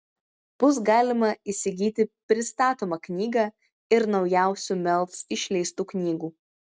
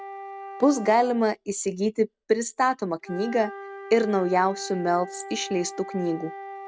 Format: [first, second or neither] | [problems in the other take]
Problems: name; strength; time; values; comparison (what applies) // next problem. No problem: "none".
first | background sound (Wind instrument, woodwind instrument); 14 dB below the speech